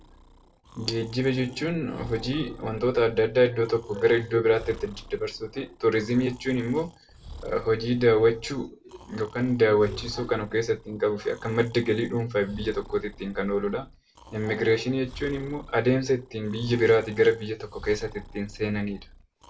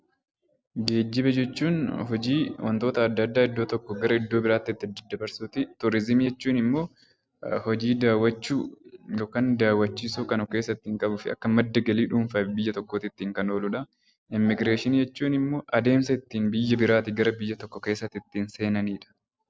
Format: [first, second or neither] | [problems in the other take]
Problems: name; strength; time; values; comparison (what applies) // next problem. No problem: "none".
second | background sound (Breathing); 20 dB below the speech // room echo; dies away in 0.2 s